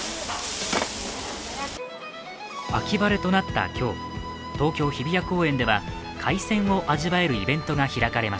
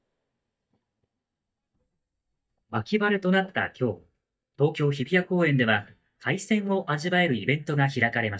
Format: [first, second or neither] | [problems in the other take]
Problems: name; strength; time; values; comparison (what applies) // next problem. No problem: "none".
first | noise reduction (neural mask model DeepFilterNet 3)